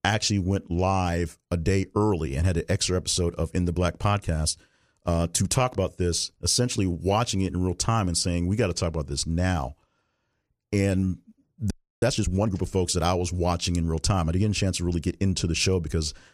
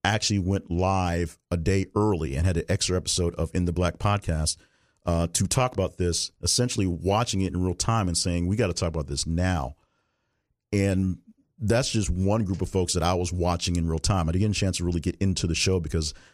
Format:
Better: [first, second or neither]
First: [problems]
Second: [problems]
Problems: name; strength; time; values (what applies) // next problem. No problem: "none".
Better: second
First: audio freezing; at 12 s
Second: none